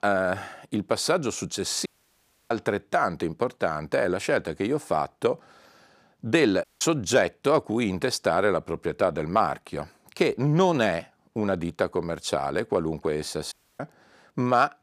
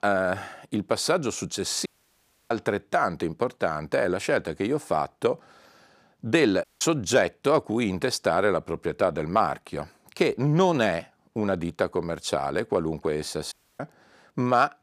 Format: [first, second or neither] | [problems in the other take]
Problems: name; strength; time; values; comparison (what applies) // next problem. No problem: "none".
neither | audio cutting out; at 2 s for 0.5 s, at 6.5 s and at 14 s; the same in both